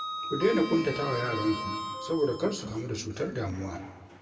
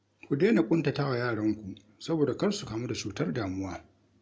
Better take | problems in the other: second | background sound (Sliding door); 9 dB below the speech // room echo; dies away in 1.5 s

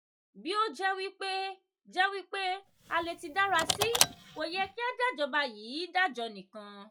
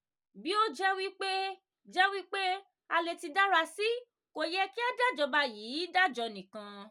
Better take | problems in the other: second | noise reduction (classical method log-MMSE)

